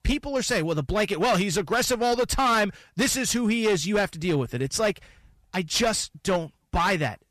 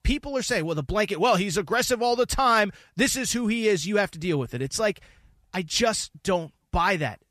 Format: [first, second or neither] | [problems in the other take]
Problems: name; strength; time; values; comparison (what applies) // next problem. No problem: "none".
second | distortion; slight; 10% of the sound clipped